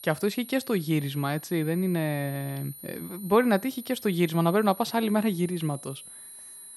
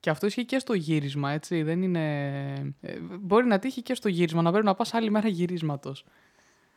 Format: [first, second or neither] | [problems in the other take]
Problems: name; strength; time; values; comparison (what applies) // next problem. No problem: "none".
second | high-pitched whine; noticeable; throughout; 11.5 kHz, 15 dB below the speech